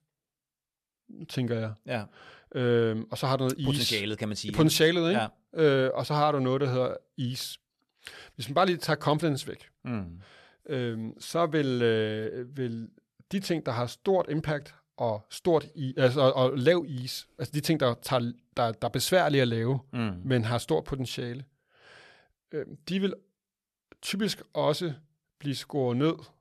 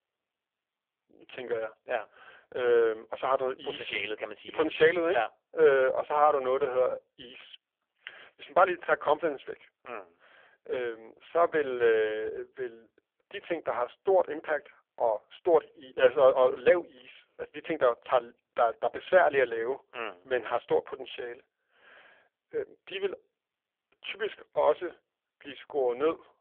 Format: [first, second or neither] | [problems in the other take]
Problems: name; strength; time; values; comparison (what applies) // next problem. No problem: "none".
first | phone-call audio; poor line; nothing above 3.5 kHz